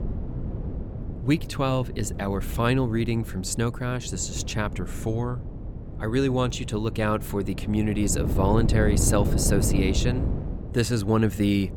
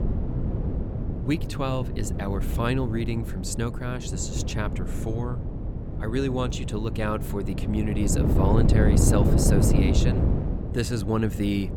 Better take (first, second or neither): first